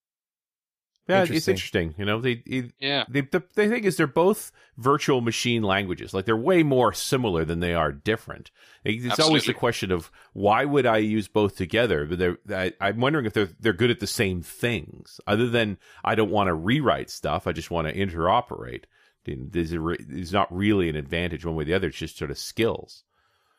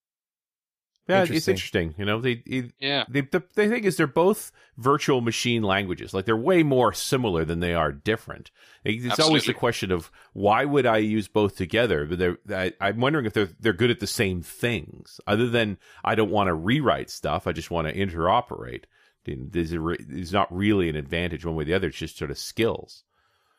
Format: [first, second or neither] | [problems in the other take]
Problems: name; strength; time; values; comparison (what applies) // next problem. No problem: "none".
neither | none